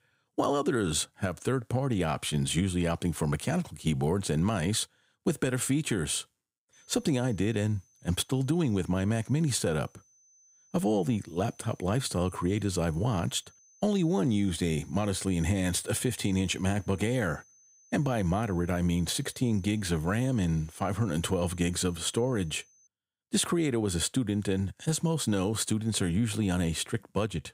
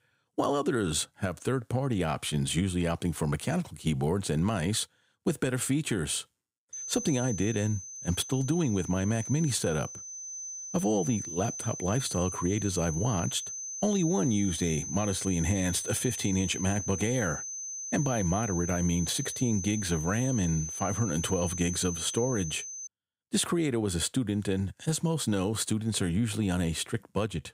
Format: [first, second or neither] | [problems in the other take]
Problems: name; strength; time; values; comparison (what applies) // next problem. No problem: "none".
first | high-pitched whine; loud; from 6.5 to 23 s; 6 kHz, 6 dB below the speech; faint in the first